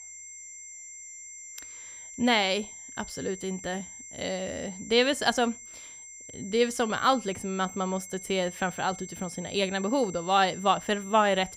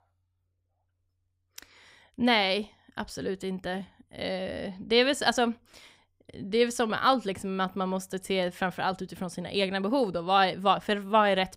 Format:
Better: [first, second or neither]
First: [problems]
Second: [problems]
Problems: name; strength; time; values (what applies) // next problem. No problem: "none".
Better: second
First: high-pitched whine; noticeable; throughout; 7.5 kHz, 15 dB below the speech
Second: none